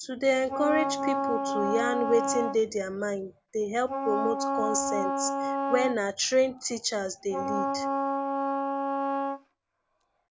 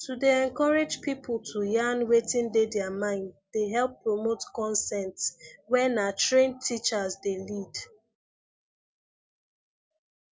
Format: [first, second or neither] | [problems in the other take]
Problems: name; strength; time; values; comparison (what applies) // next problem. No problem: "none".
second | background sound (Wind instrument, woodwind instrument); 1 dB below the speech